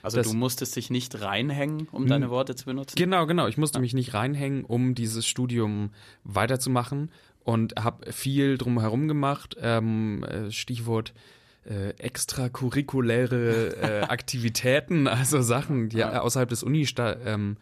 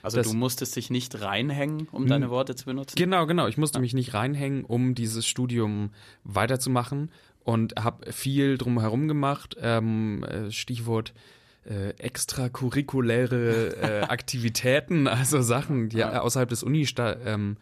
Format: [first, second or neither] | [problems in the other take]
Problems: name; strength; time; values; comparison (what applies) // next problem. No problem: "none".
neither | none